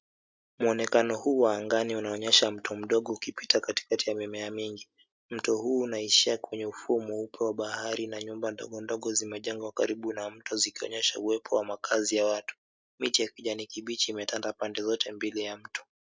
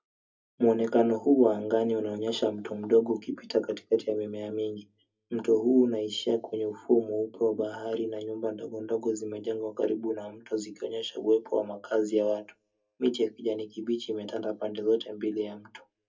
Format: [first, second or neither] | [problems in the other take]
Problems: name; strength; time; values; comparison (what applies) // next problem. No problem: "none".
first | room echo; dies away in 0.3 s